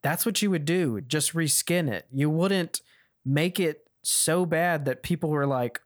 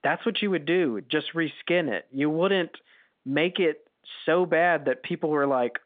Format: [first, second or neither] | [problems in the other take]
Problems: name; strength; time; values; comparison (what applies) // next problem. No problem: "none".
first | phone-call audio